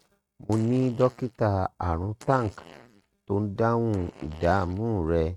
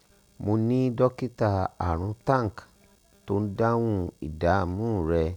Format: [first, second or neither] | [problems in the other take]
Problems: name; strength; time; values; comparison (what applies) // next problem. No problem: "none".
second | noise reduction (neural mask model RNNoise)